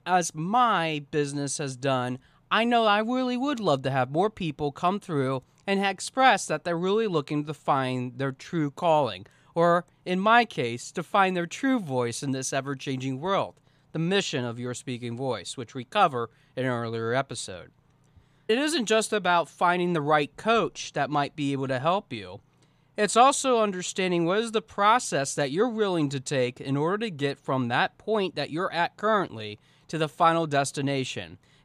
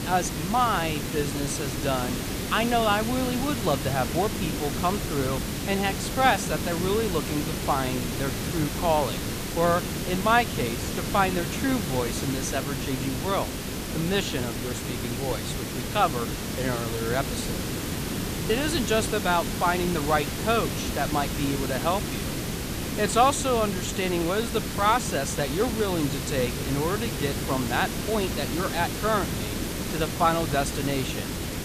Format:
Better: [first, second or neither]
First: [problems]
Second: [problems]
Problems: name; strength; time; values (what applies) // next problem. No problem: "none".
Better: first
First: none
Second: hiss; loud; throughout; 3 dB below the speech